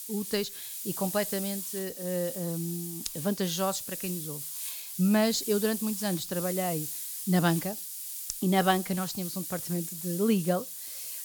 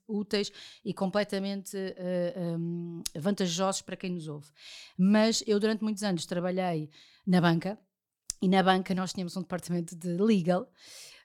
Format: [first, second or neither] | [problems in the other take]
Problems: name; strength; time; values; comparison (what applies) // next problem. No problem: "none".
second | hiss; loud; throughout; 5 dB below the speech